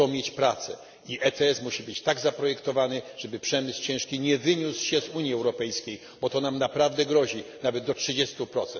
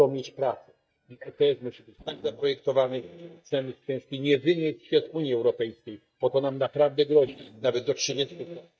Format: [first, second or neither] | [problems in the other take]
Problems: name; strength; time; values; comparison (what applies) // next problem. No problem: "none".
first | noise reduction (neural mask model DeepFilterNet 3)